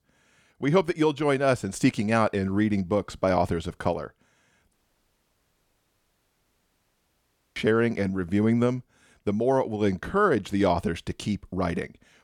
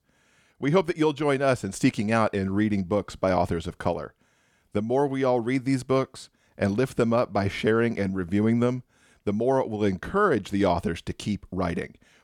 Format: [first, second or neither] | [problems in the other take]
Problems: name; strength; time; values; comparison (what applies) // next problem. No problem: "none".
second | audio cutting out; at 4.5 s for 3 s